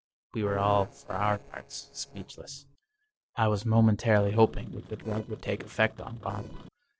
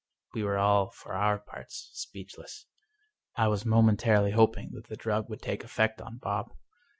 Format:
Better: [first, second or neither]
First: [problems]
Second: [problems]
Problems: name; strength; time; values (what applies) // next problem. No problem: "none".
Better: second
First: noise reduction (neural separator model SepFormer DNS4)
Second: none